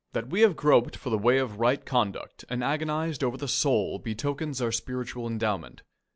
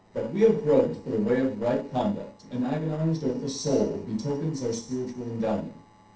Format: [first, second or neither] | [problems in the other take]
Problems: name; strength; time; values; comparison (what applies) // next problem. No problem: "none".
first | noise reduction (neural separator model SepFormer DNS4)